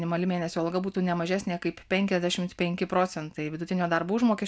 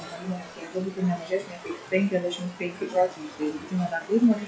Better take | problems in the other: first | noise reduction (classical method WPE with log-MMSE)

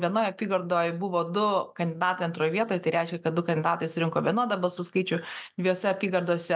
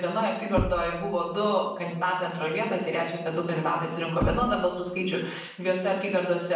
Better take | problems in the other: first | background sound (Knock / Wood); 9 dB below the speech // room echo; dies away in 0.7 s

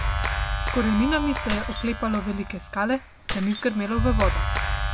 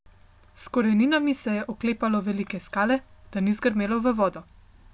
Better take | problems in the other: second | background sound (Keys jangling + Clapping); 1 dB below the speech

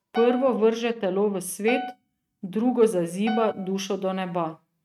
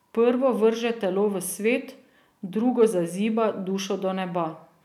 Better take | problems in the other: second | noise reduction (neural mask model RNNoise)

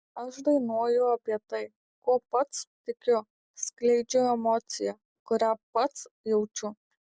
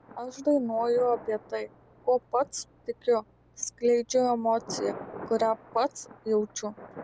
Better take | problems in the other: first | background sound (Thunder); 17 dB below the speech

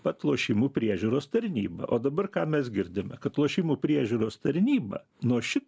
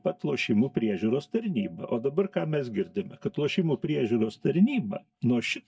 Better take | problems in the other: first | noise reduction (neural mask model DeepFilterNet 3)

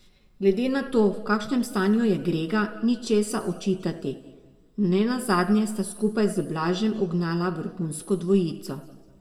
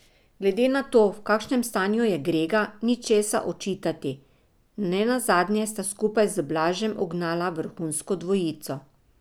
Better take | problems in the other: second | room echo; dies away in 1 s

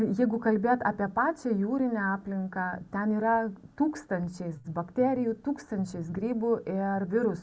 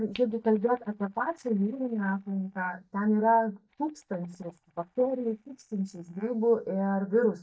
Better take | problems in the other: first | noise reduction (neural mask model DeepFilterNet 3)

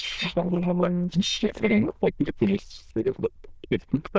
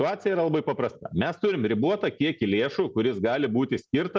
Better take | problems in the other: second | noise reduction (neural diffusion model UNIVERSE++)

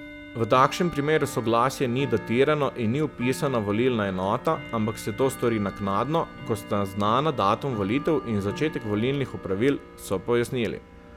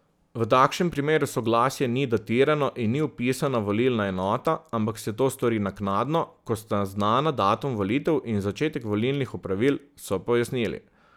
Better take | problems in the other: second | background sound (Tick-tock / Bell); 15 dB below the speech

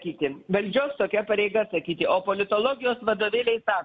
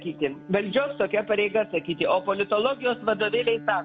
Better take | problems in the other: first | background sound (Bowed string instrument); 18 dB below the speech

